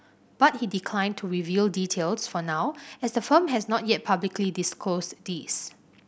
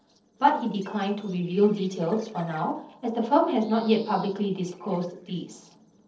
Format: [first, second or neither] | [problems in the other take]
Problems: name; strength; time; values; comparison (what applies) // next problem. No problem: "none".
first | noise reduction (neural separator model SepFormer DNS4)